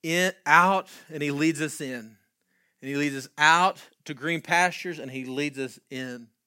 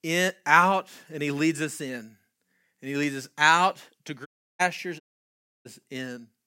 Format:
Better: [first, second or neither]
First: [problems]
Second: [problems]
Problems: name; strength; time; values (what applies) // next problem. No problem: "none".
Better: first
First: none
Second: audio cutting out; at 4.5 s and at 5 s for 0.5 s